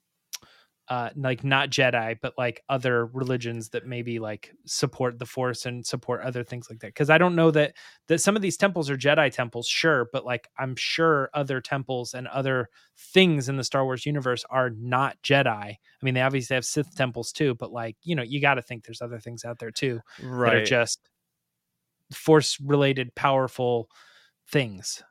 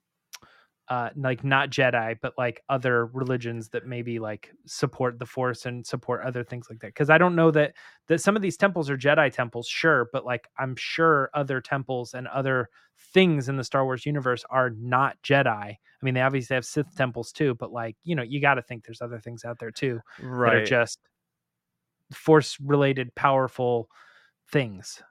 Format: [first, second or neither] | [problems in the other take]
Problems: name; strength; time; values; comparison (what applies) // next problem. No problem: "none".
first | muffled; slightly; fading above 2.5 kHz